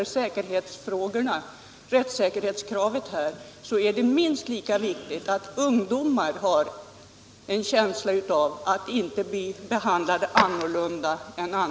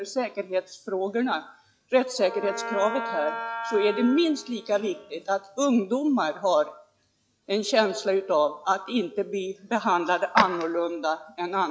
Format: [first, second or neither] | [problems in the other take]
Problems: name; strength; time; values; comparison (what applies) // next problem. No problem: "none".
first | noise reduction (classical method log-MMSE)